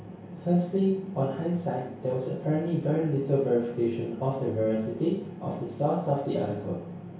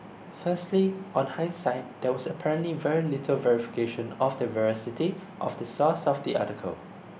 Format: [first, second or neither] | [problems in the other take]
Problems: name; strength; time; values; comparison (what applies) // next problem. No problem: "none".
second | room echo; dies away in 0.6 s